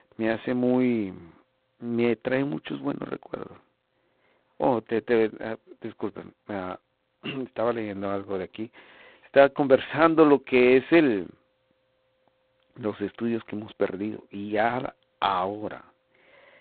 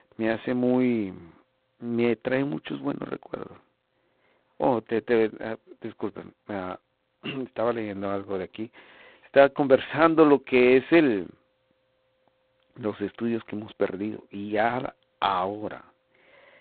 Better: neither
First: phone-call audio; poor line; nothing above 4 kHz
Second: phone-call audio; poor line; nothing above 4 kHz

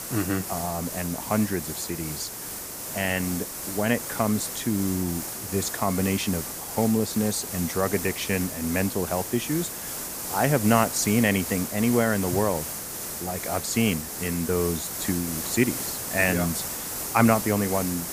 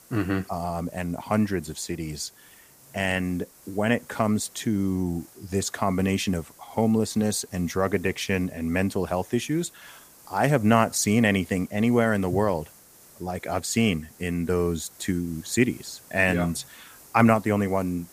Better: second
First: hiss; loud; throughout; 5 dB below the speech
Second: hiss; faint; throughout; 25 dB below the speech

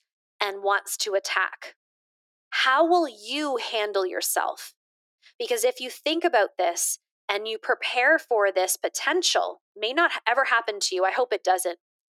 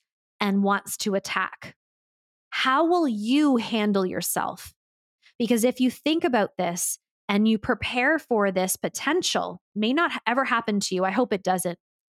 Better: second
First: thin; very; fading below 350 Hz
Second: none

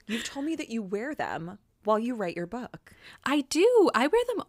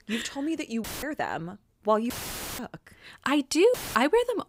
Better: first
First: none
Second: audio cutting out; filled with static; at 1 s, at 2 s and at 3.5 s

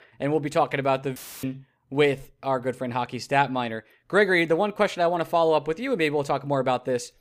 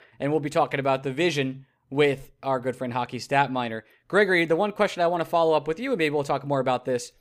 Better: second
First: audio cutting out; filled with static; at 1 s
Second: none

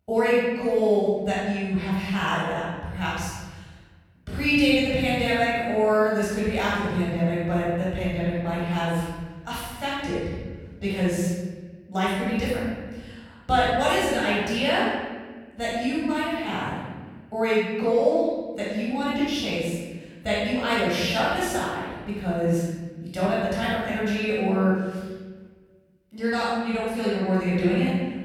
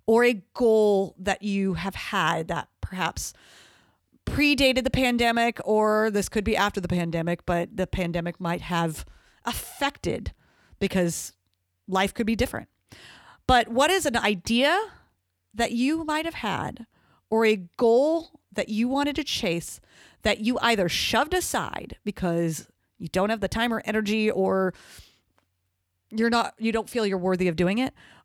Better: second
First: off-mic speech; far // room echo; strong; dies away in 1.4 s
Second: none

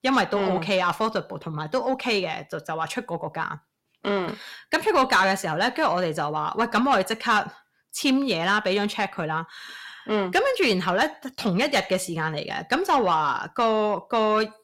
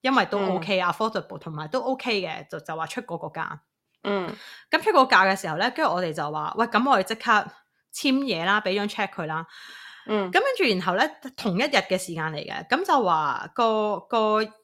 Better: second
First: distortion; slight; 10 dB below the speech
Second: none

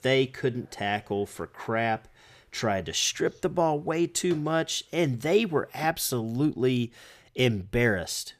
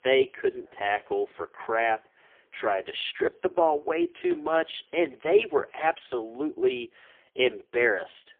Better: first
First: none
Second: phone-call audio; poor line; nothing above 3.5 kHz

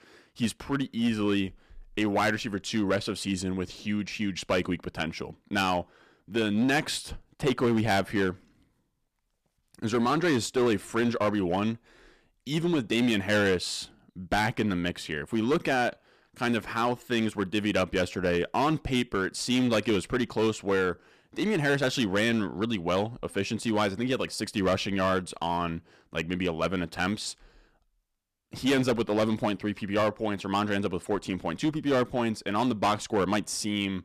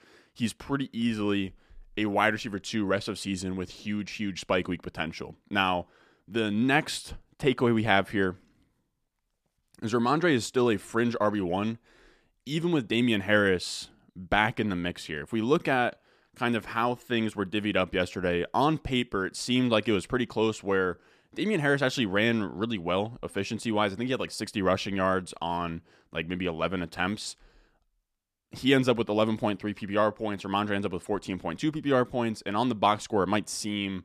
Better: second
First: distortion; slight; 7% of the sound clipped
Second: none

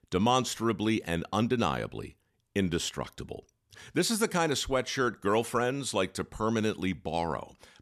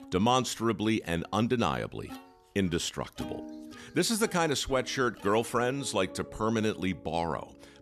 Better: first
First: none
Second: background music; noticeable; throughout; 20 dB below the speech

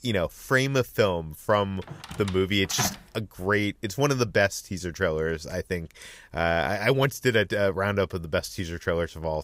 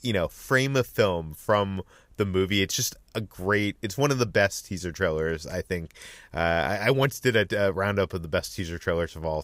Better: second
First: door banging; noticeable; from 2 to 3 s; peak 6 dB below the speech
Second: none

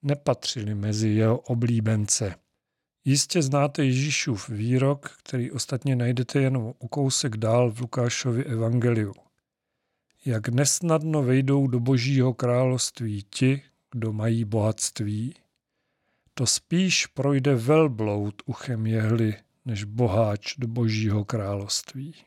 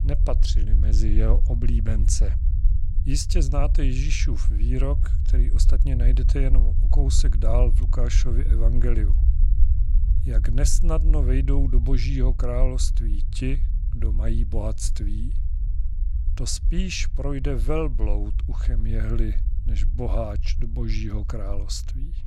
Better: first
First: none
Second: low rumble; noticeable; throughout; 10 dB below the speech

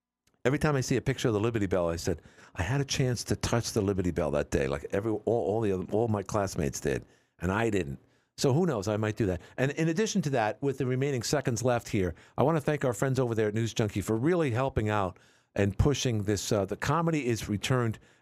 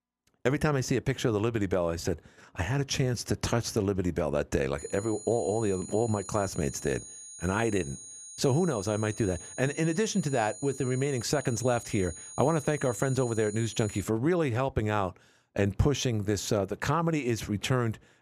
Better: first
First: none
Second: high-pitched whine; noticeable; from 5 to 14 s; 6.5 kHz, 15 dB below the speech

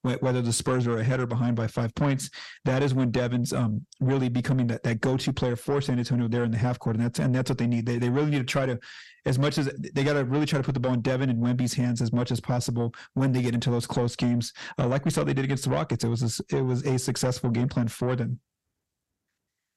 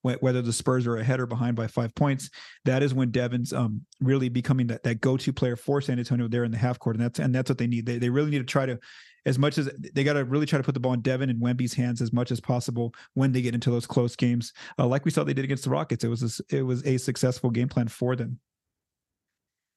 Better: second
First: distortion; slight; 10 dB below the speech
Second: none

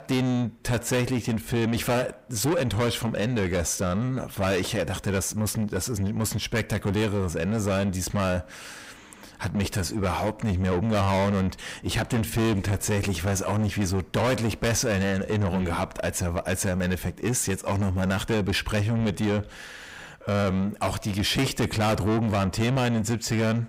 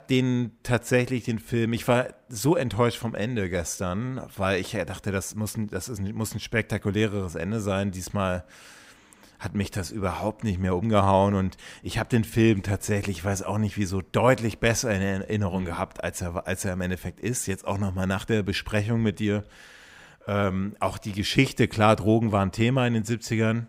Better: second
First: distortion; heavy; 6 dB below the speech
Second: none

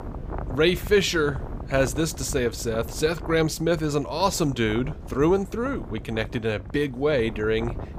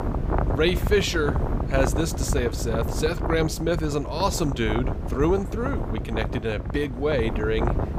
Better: first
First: wind noise on the microphone; occasional gusts; 15 dB below the speech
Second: wind noise on the microphone; heavy; 7 dB below the speech

